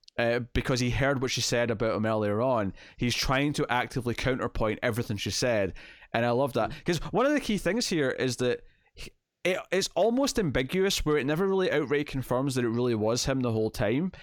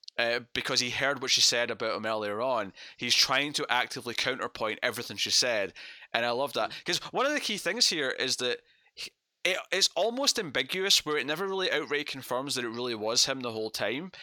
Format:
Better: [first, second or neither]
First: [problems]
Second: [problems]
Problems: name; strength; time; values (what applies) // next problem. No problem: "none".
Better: first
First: none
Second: thin; somewhat; fading below 900 Hz